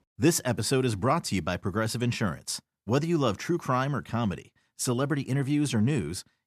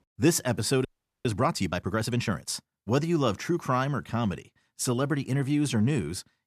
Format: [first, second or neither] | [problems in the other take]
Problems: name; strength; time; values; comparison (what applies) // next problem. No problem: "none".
first | audio freezing; at 1 s